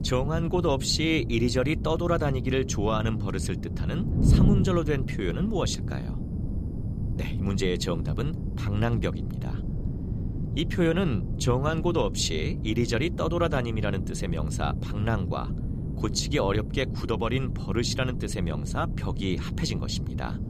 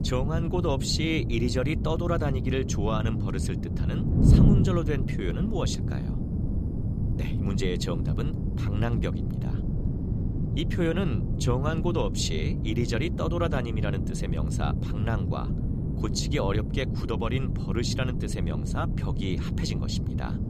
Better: first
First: wind noise on the microphone; occasional gusts; 10 dB below the speech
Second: wind noise on the microphone; heavy; 5 dB below the speech

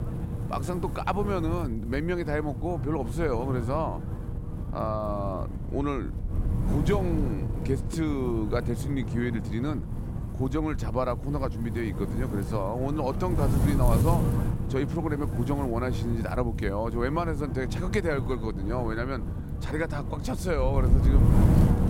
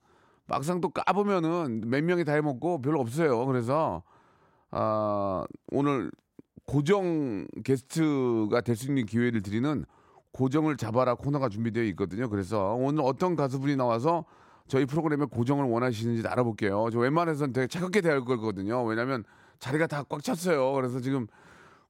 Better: second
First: wind noise on the microphone; heavy; 8 dB below the speech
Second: none

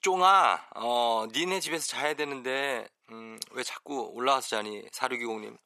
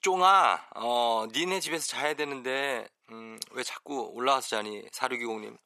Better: neither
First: thin; somewhat; fading below 500 Hz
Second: thin; somewhat; fading below 500 Hz

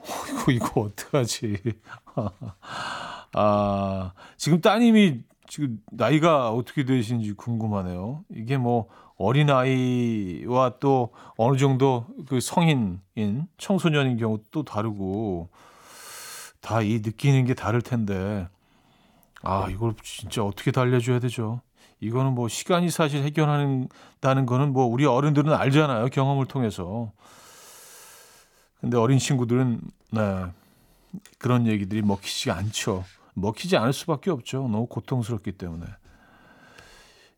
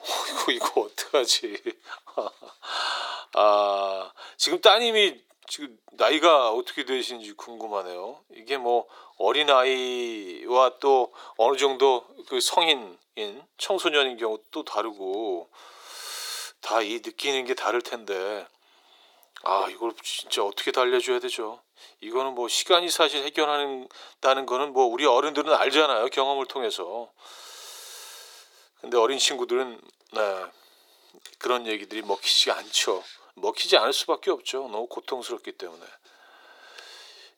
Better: first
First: none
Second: thin; very; fading below 350 Hz

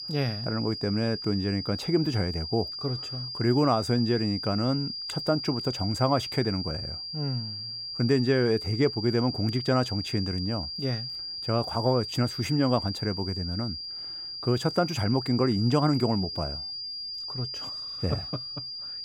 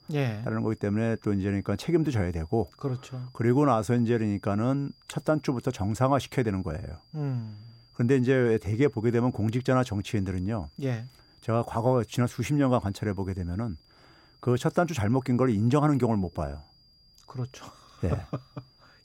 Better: second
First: high-pitched whine; loud; throughout; 5 kHz, 6 dB below the speech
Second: high-pitched whine; faint; throughout; 5 kHz, 30 dB below the speech

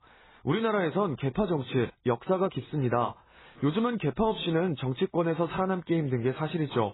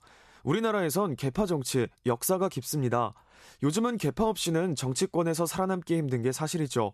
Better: second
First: garbled, watery; badly; nothing above 4 kHz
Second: none

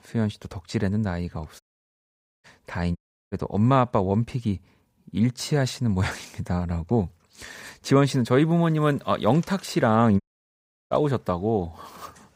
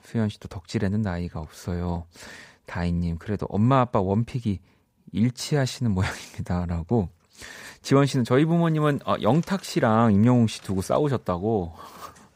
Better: second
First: audio cutting out; at 1.5 s for 1 s, at 3 s and at 10 s for 0.5 s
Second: none

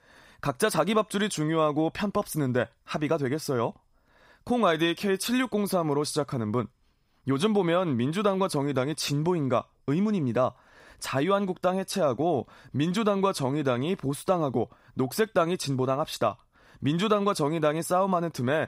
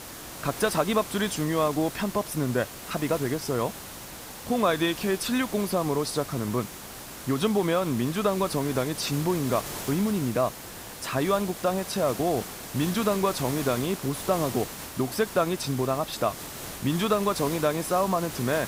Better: first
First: none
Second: hiss; loud; throughout; 10 dB below the speech

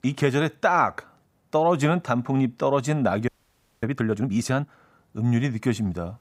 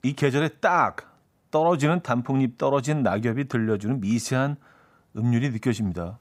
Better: second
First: audio freezing; at 3.5 s for 0.5 s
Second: none

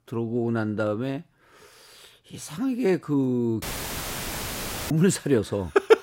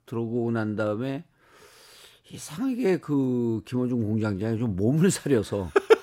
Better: second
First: audio cutting out; filled with static; at 3.5 s for 1.5 s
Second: none

